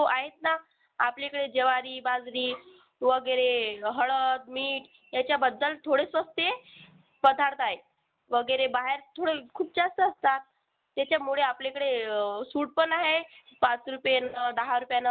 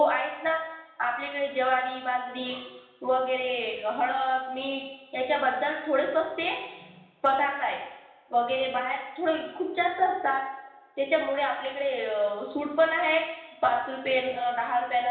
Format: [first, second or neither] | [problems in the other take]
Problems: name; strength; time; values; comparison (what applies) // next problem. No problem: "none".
first | room echo; dies away in 0.9 s